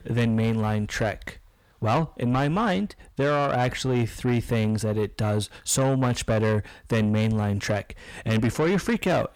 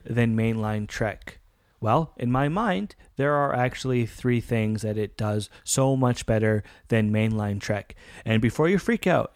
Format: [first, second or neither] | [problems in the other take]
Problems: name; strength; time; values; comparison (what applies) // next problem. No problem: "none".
second | distortion; slight; 10 dB below the speech